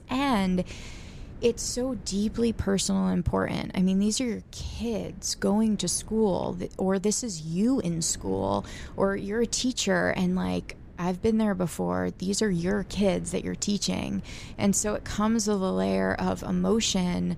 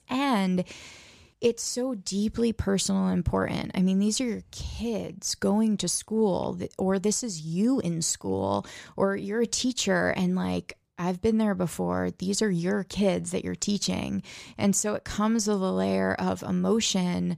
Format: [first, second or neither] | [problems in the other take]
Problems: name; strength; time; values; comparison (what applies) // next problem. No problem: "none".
second | wind noise on the microphone; occasional gusts; 25 dB below the speech